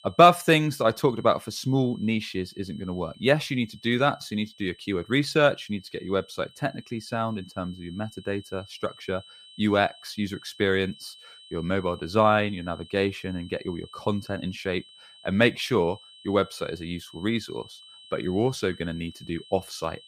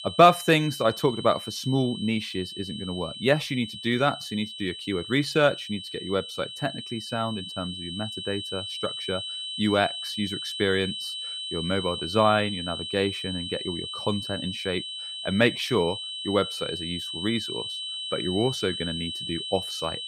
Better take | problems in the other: first | high-pitched whine; loud; throughout; 3 kHz, 6 dB below the speech; faint in the first

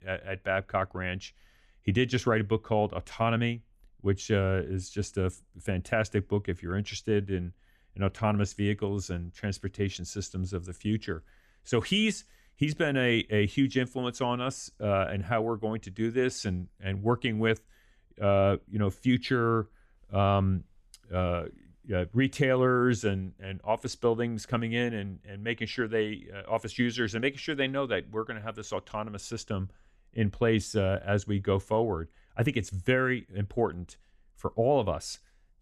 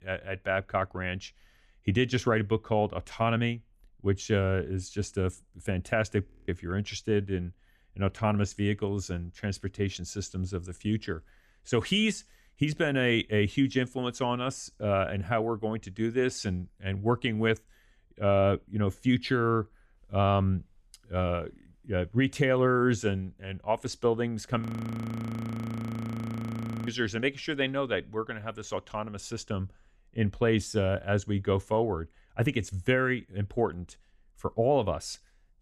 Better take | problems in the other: first | audio freezing; at 6.5 s and at 25 s for 2.5 s

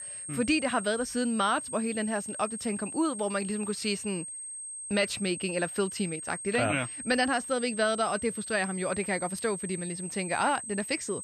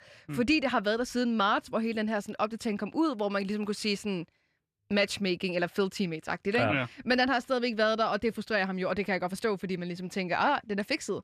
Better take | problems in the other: second | high-pitched whine; loud; throughout; 8.5 kHz, 7 dB below the speech

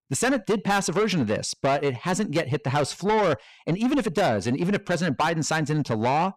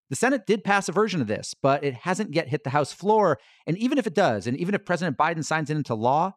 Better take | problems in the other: second | distortion; heavy; 8 dB below the speech

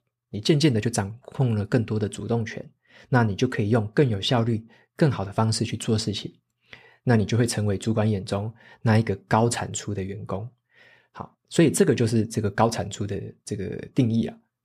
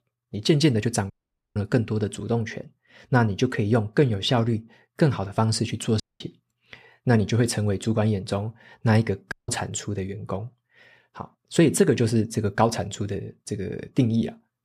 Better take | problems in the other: first | audio cutting out; at 1 s, at 6 s and at 9.5 s

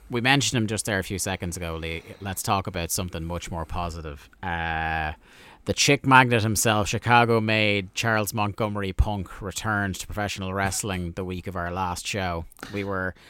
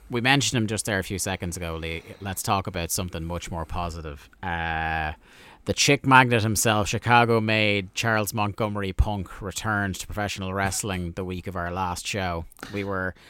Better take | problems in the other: neither | none

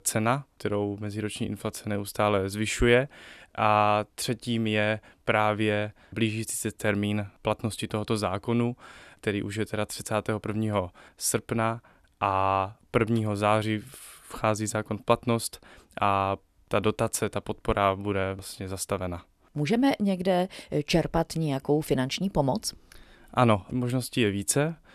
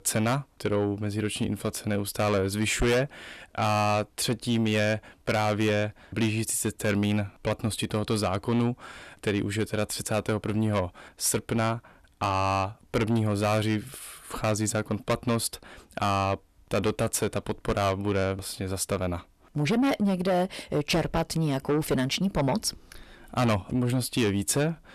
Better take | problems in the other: first | distortion; heavy; 7 dB below the speech

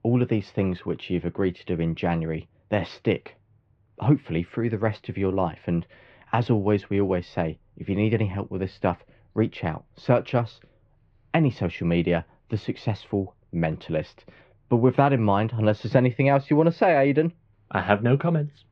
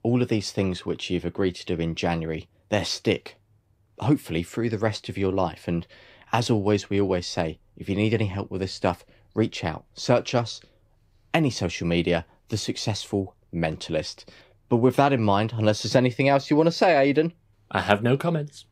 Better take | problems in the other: second | muffled; very; fading above 2.5 kHz

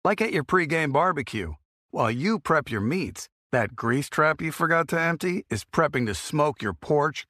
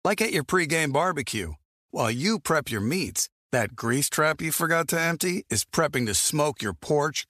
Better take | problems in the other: second | muffled; slightly; fading above 4 kHz

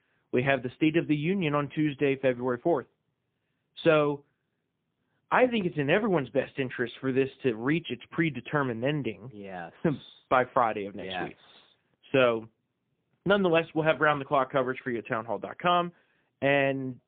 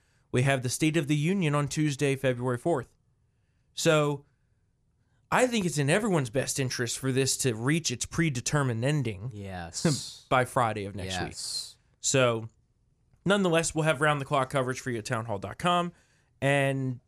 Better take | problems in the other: second | phone-call audio; poor line

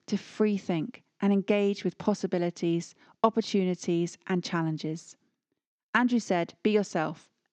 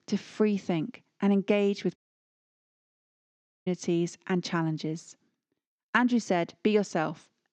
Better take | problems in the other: first | audio cutting out; at 2 s for 1.5 s

